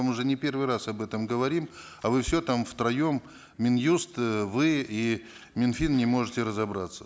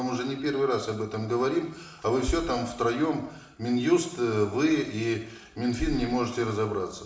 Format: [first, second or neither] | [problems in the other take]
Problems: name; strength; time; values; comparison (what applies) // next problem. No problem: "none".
first | room echo; dies away in 0.7 s